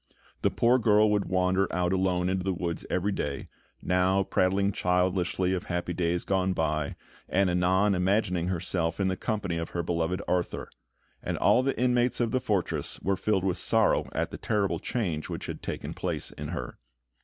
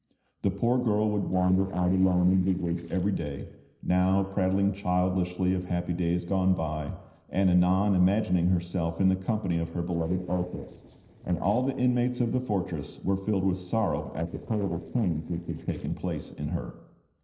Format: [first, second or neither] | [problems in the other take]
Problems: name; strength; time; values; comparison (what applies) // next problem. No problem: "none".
first | noise reduction (neural separator model SepFormer DNS4)